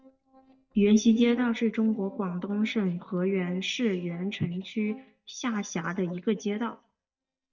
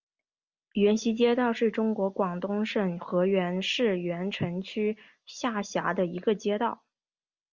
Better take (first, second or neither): second